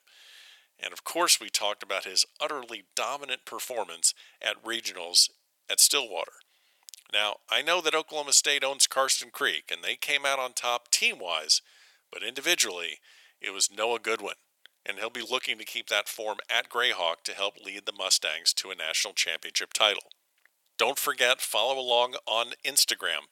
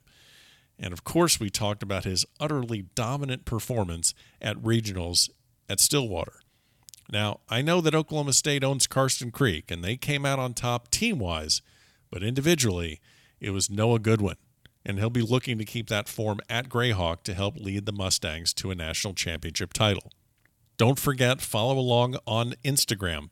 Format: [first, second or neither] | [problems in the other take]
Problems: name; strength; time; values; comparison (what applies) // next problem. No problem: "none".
second | thin; very; fading below 550 Hz